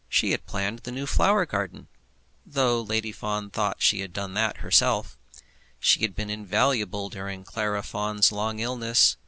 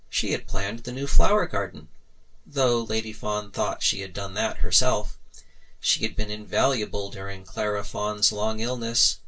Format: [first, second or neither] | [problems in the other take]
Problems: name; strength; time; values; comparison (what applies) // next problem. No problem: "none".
first | room echo; dies away in 0.1 s